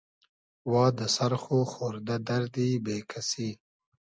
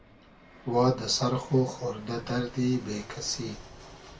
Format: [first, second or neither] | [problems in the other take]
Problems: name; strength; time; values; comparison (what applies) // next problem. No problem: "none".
first | background sound (Fixed-wing aircraft, airplane); 18 dB below the speech // room echo; dies away in 0.2 s